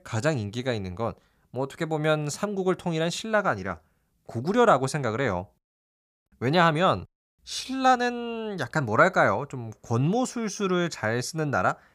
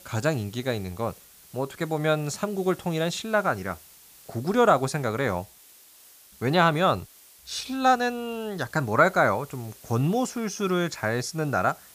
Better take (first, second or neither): first